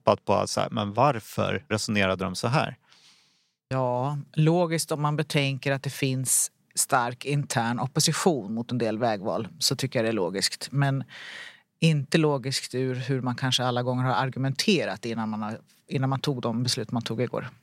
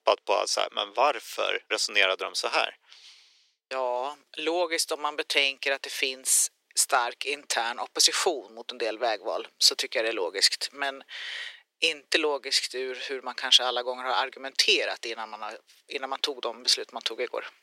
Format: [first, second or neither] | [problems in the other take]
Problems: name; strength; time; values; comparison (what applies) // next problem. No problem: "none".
first | thin; very; fading below 350 Hz